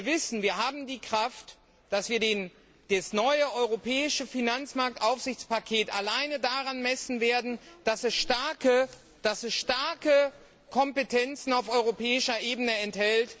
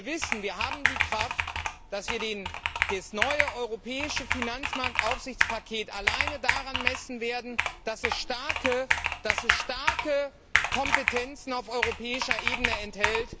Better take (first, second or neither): first